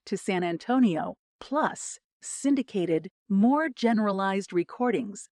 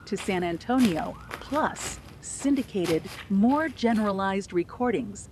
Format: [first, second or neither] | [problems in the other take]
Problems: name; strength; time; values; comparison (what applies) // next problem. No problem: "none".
first | footsteps; noticeable; peak 9 dB below the speech